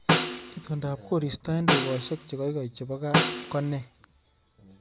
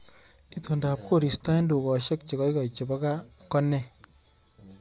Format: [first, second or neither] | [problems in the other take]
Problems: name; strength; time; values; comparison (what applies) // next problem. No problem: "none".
second | background sound (Snare drum); 2 dB above the speech